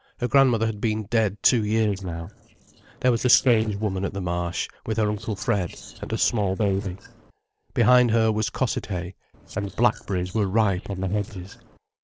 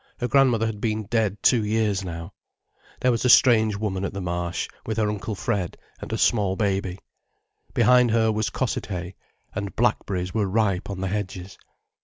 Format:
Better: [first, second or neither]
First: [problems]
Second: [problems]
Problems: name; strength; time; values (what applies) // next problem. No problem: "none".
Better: second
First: noise reduction (neural separator model SepFormer DNS4)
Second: none